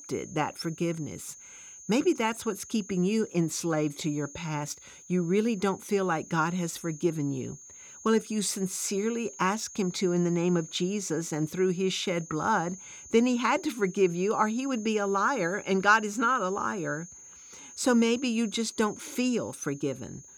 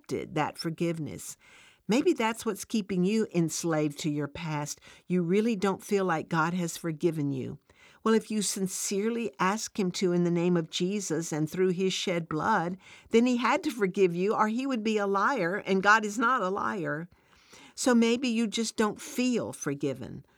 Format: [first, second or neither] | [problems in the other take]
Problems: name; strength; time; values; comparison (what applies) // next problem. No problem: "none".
second | high-pitched whine; noticeable; throughout; 6.5 kHz, 15 dB below the speech